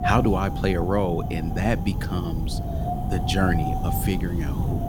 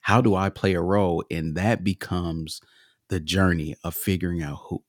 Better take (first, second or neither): second